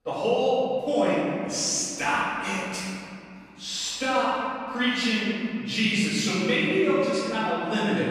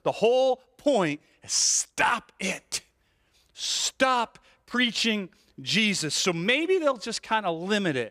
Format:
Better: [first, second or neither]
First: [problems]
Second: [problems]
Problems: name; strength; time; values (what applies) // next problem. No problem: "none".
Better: second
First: off-mic speech; far // room echo; strong; dies away in 3 s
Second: none